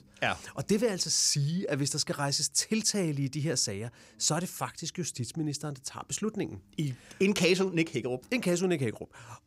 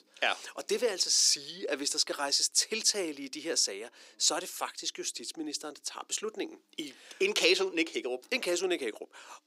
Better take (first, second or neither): first